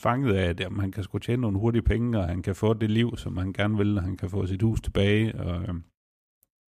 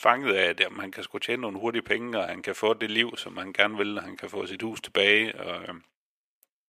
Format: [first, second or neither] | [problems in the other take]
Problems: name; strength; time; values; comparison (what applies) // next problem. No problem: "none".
first | thin; very; fading below 500 Hz